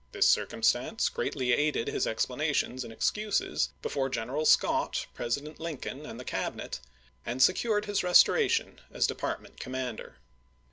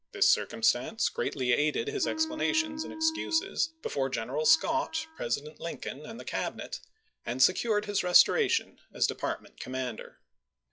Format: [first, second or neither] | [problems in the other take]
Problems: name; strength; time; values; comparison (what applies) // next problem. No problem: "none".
first | noise reduction (classical method log-MMSE)